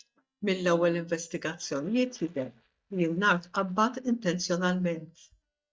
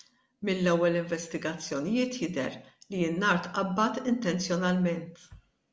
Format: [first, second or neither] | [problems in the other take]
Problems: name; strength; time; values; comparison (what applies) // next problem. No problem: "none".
second | noise reduction (neural mask model DeepFilterNet 3)